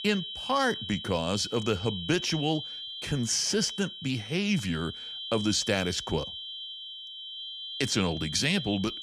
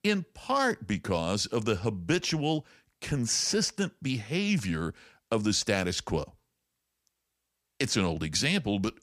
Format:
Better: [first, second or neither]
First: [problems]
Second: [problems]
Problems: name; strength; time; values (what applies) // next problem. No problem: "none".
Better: second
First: high-pitched whine; loud; throughout; 3 kHz, 8 dB below the speech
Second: none